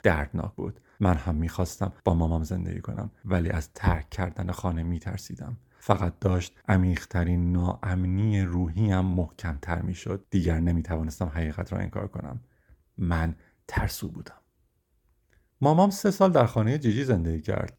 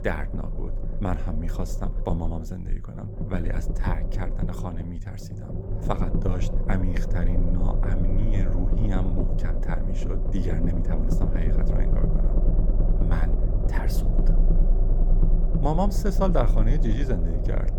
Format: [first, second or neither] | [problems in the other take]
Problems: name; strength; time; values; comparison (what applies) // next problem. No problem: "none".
first | low rumble; loud; throughout; 4 dB below the speech